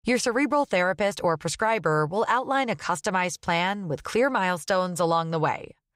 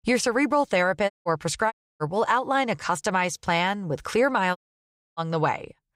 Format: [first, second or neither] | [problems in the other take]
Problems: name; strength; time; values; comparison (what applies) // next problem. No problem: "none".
first | audio cutting out; at 1 s, at 1.5 s and at 4.5 s for 0.5 s